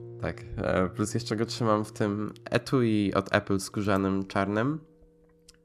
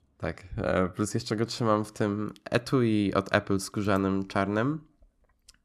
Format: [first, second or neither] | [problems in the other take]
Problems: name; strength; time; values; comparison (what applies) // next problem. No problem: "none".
second | background music; noticeable; throughout; 20 dB below the speech